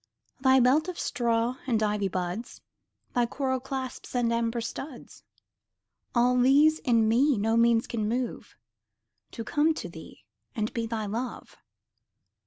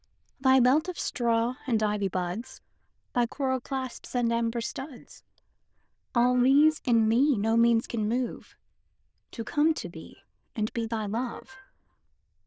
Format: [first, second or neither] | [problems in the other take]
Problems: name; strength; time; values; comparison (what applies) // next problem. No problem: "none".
first | noise reduction (neural diffusion model UNIVERSE++)